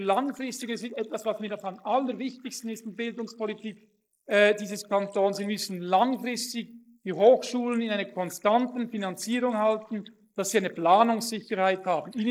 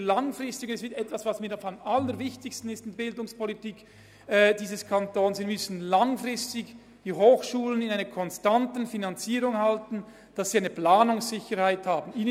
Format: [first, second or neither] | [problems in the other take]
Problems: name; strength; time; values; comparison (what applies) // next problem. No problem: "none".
second | noise reduction (neural mask model Resemble Enhance denoiser)